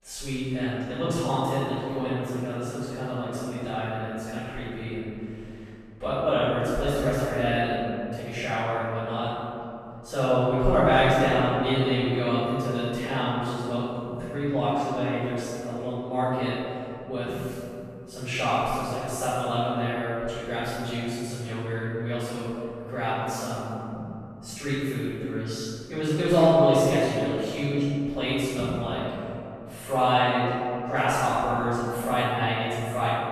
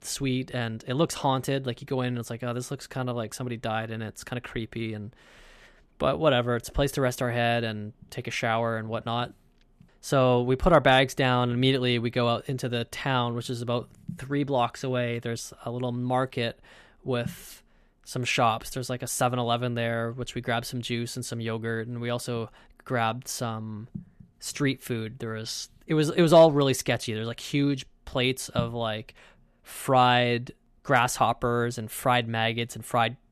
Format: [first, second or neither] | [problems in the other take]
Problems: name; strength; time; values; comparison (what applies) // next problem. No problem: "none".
second | room echo; strong; dies away in 2.6 s // off-mic speech; far